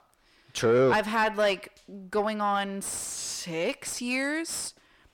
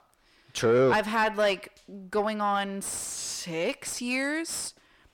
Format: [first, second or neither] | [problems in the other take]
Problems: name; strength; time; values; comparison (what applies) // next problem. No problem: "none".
neither | distortion; slight; 10 dB below the speech; the same in both